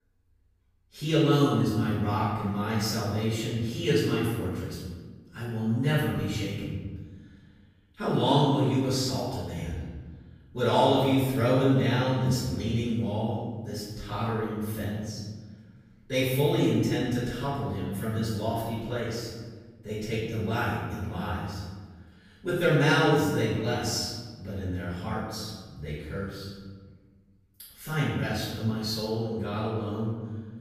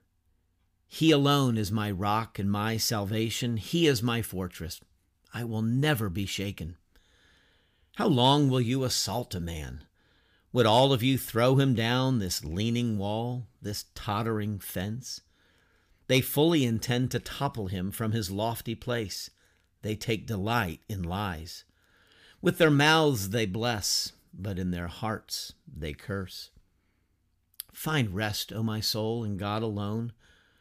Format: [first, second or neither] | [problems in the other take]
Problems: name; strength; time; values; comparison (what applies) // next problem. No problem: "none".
second | room echo; strong; dies away in 1.5 s // off-mic speech; far